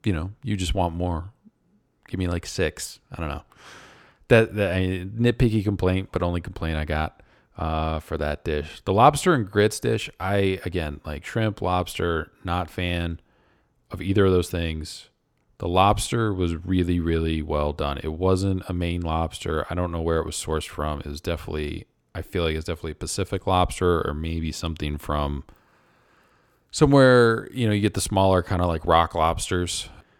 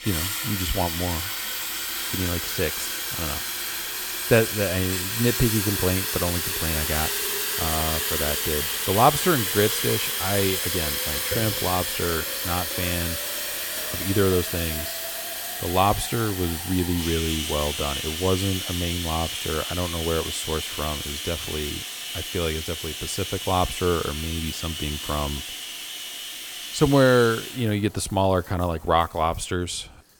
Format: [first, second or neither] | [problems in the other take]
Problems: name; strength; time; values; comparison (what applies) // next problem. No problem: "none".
first | household noises; loud; throughout; 1 dB below the speech